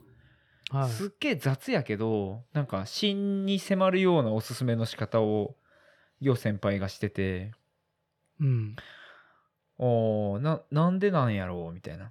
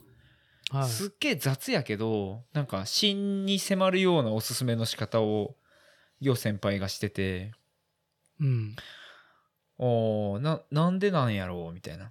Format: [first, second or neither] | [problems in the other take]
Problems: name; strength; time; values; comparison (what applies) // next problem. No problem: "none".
second | muffled; slightly; fading above 3 kHz